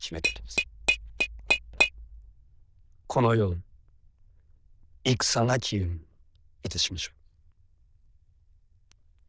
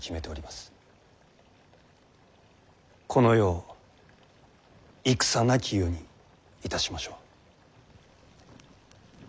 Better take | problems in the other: second | noise reduction (neural diffusion model UNIVERSE++)

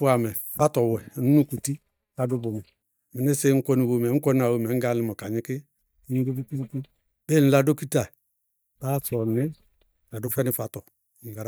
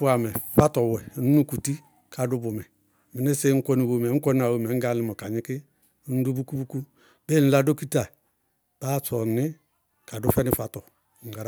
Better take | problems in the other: second | noise reduction (neural mask model DeepFilterNet 3)

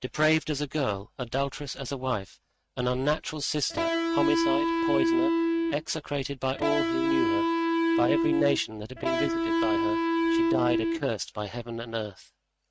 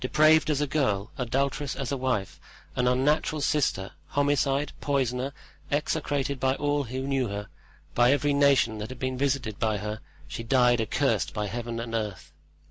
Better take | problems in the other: second | noise reduction (neural mask model RNNoise)

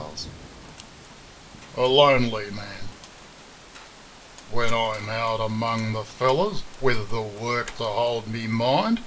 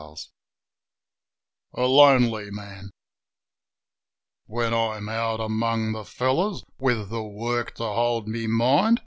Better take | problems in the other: second | background sound (Rain); 19 dB below the speech // room echo; dies away in 0.2 s

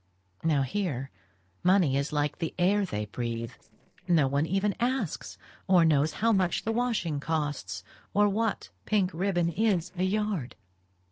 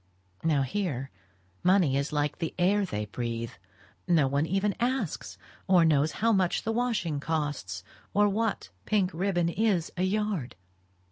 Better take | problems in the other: second | noise reduction (neural separator model SepFormer DNS4)

